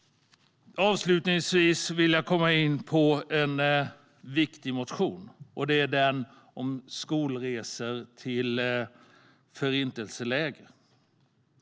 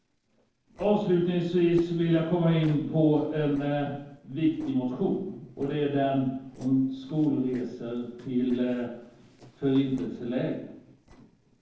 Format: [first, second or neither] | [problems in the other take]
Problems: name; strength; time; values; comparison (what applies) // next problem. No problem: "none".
first | noise reduction (neural separator model SepFormer DNS4)